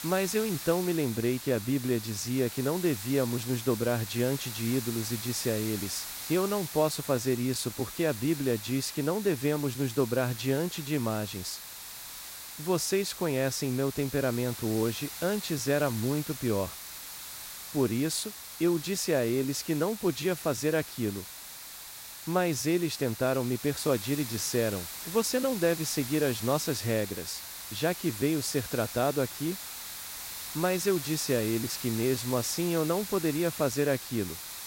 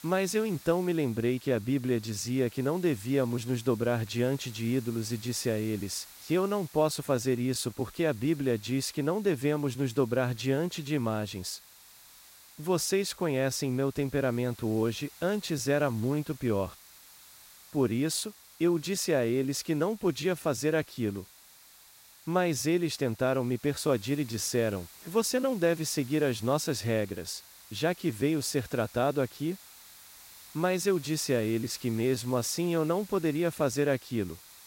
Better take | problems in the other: second | hiss; loud; throughout; 9 dB below the speech; faint in the second

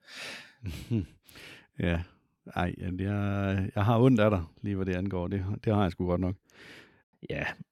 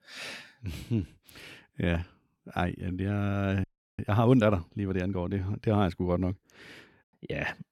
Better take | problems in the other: first | audio freezing; at 3.5 s

